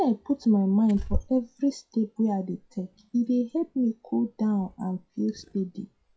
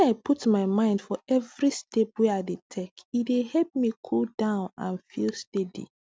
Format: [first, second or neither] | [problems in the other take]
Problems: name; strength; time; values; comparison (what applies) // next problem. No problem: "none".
second | noise reduction (classical method WPE with log-MMSE)